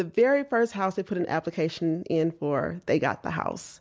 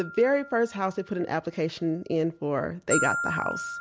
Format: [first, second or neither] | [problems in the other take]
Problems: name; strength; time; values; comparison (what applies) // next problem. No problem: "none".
first | background sound (Glockenspiel); 7 dB below the speech